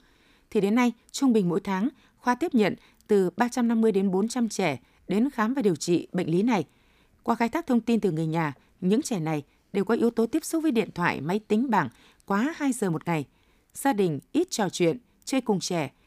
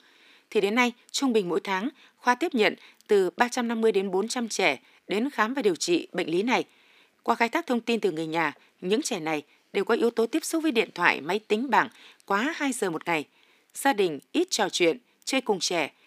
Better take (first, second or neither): first